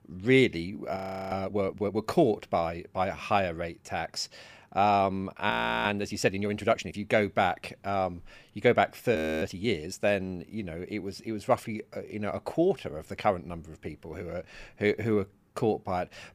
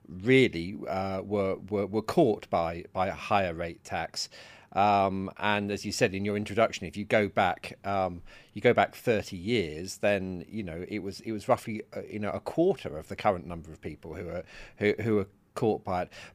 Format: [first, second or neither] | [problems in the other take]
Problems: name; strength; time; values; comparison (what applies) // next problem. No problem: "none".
second | audio freezing; at 1 s, at 5.5 s and at 9 s